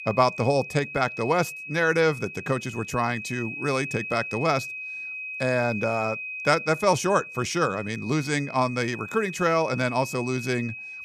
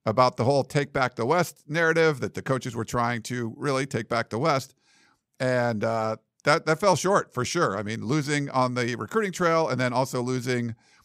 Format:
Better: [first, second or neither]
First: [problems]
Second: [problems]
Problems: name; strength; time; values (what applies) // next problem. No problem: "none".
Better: second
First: high-pitched whine; loud; throughout; 2.5 kHz, 9 dB below the speech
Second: none